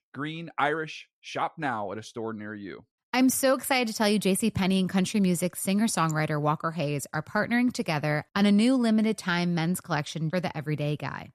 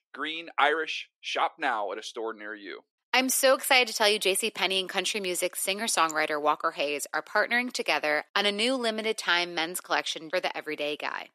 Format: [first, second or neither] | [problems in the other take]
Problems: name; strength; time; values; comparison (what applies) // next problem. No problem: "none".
first | thin; very; fading below 350 Hz